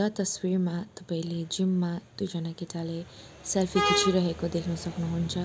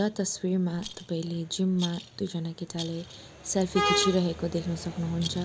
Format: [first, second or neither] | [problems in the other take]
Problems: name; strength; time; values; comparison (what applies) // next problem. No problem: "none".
first | background sound (Rattle); 17 dB below the speech